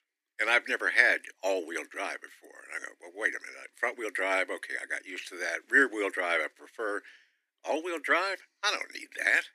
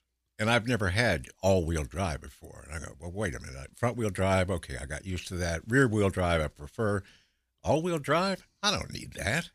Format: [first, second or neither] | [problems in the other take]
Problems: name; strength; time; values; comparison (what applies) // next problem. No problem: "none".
second | thin; very; fading below 300 Hz